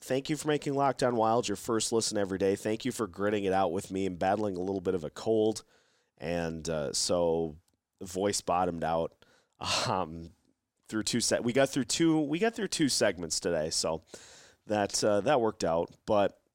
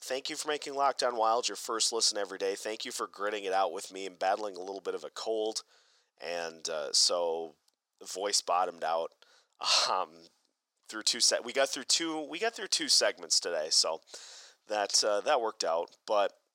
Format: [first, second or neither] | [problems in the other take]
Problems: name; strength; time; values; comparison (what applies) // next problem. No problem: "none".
first | thin; very; fading below 600 Hz